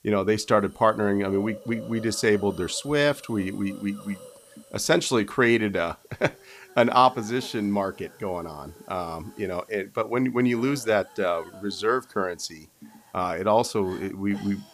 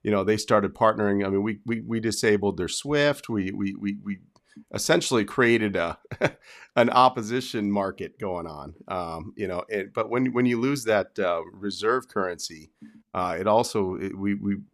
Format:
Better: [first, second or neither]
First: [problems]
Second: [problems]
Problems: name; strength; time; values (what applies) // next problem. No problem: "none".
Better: second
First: hiss; faint; throughout; 25 dB below the speech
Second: none